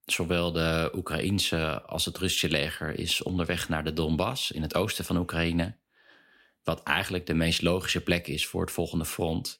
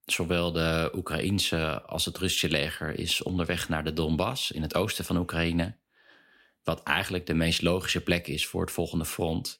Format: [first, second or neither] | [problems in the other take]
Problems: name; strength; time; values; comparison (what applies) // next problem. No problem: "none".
neither | none